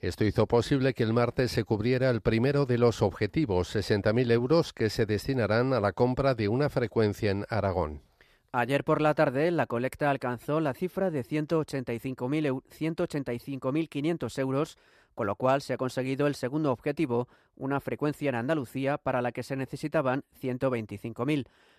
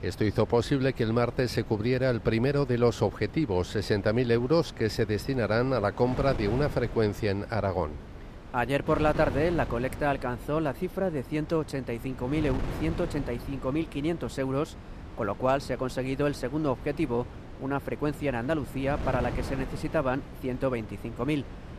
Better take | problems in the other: first | wind noise on the microphone; occasional gusts; 15 dB below the speech

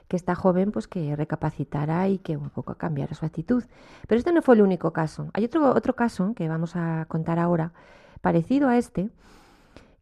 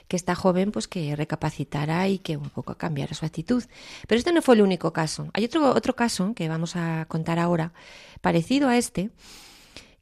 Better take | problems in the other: second | muffled; slightly; fading above 1.5 kHz

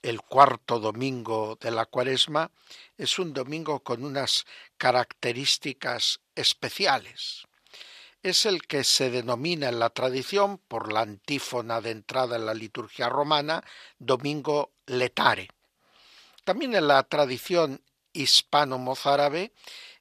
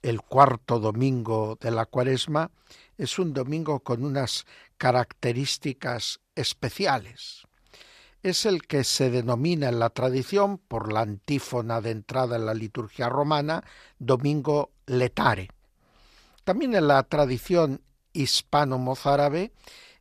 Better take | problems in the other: second | thin; very slightly; fading below 950 Hz

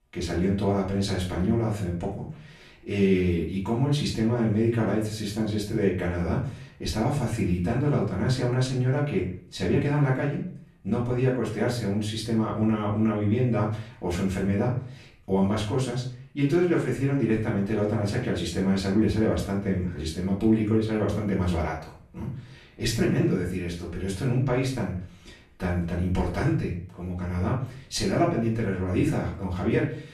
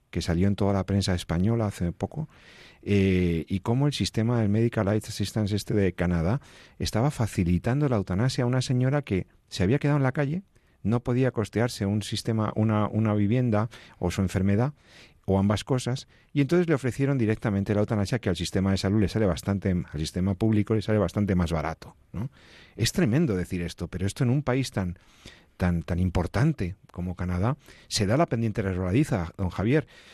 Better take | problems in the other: second | off-mic speech; far // room echo; slight; dies away in 0.4 s

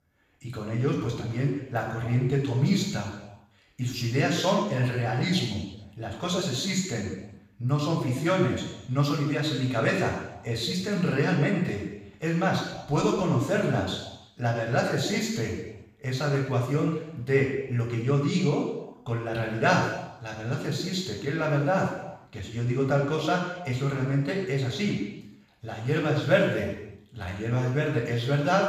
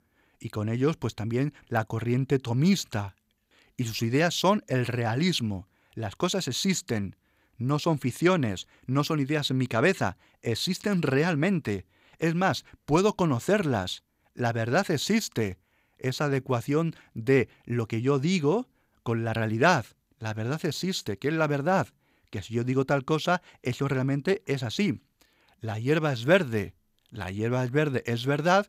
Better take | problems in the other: second | room echo; noticeable; dies away in 0.8 s // off-mic speech; far

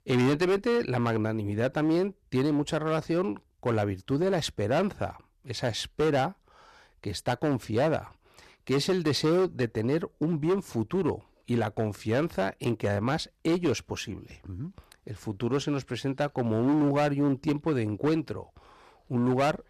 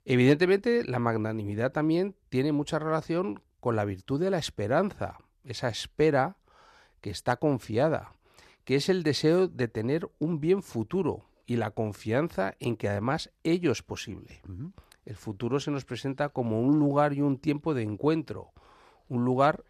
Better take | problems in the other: second | distortion; slight; 9% of the sound clipped

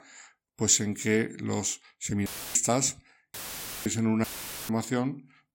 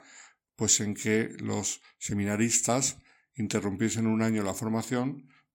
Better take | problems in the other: second | audio cutting out; filled with static; at 2.5 s, at 3.5 s for 0.5 s and at 4 s

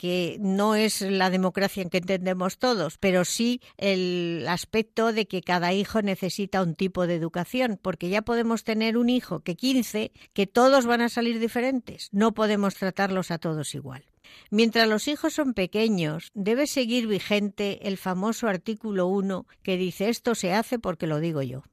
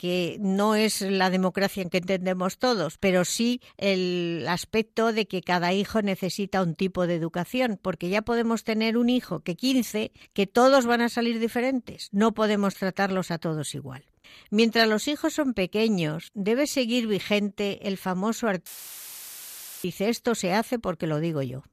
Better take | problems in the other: first | audio cutting out; filled with static; at 19 s for 1 s

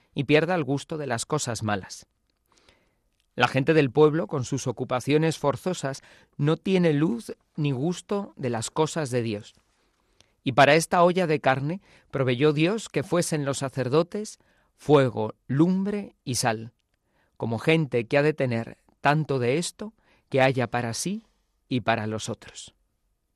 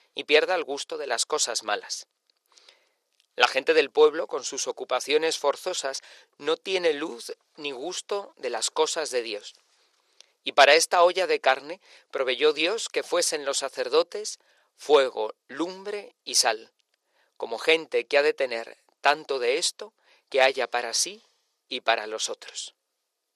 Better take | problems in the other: first | thin; very; fading below 450 Hz

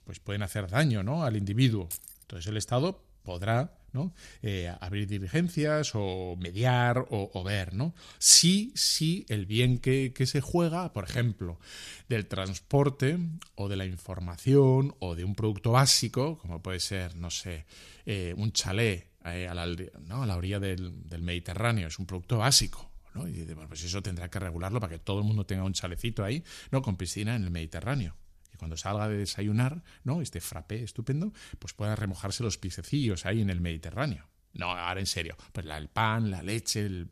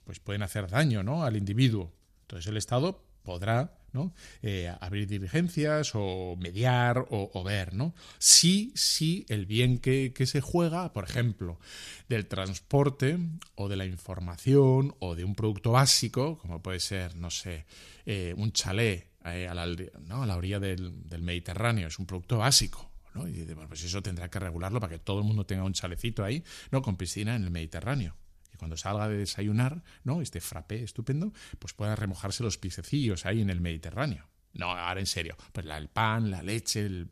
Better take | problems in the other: second | jangling keys; noticeable; at 2 s; peak 10 dB below the speech

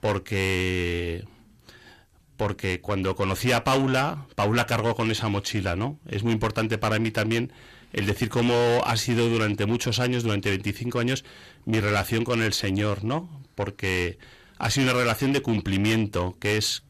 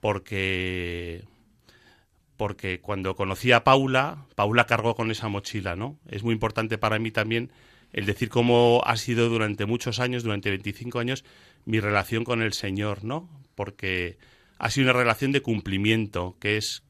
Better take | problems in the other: second | distortion; heavy; 6 dB below the speech

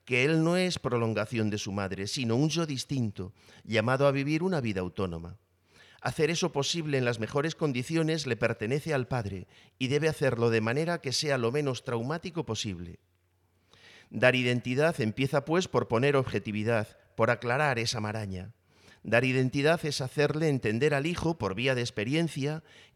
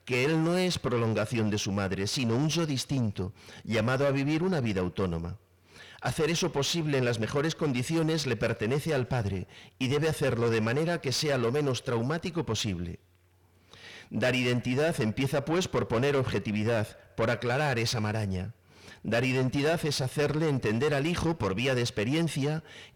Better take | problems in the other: first | distortion; heavy; 7 dB below the speech

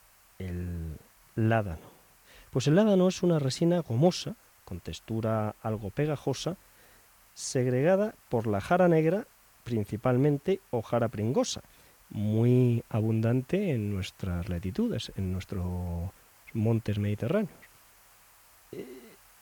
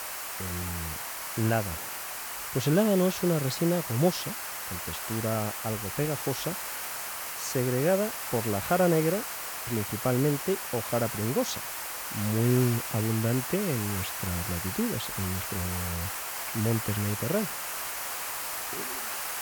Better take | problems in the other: first | hiss; loud; throughout; 3 dB below the speech; faint in the first

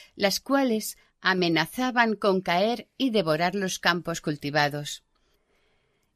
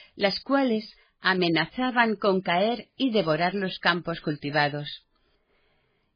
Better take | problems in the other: first | garbled, watery; badly

